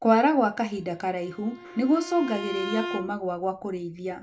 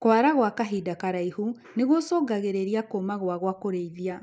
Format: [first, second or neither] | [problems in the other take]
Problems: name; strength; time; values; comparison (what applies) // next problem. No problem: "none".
second | background sound (Bowed string instrument); 12 dB below the speech // room echo; dies away in 0.2 s